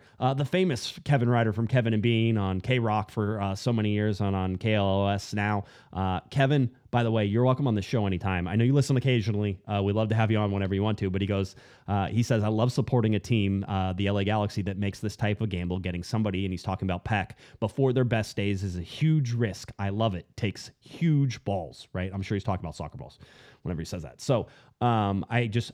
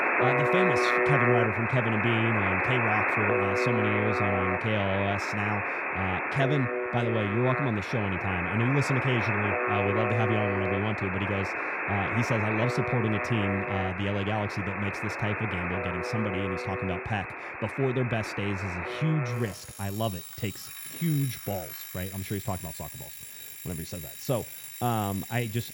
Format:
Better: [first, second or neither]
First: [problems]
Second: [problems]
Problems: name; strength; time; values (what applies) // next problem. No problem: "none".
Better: first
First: none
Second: alarms or sirens; very loud; throughout; 1 dB above the speech